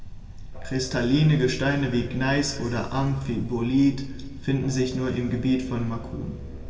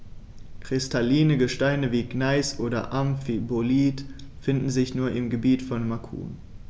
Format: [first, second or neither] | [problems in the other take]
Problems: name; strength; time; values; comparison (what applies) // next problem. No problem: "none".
second | background sound (Musical instrument); 19 dB below the speech // room echo; dies away in 2.5 s